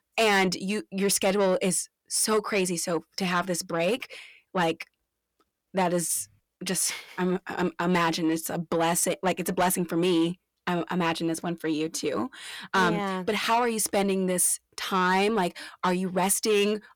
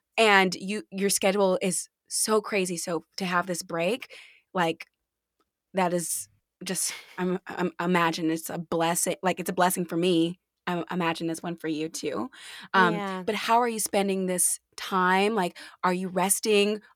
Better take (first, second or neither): second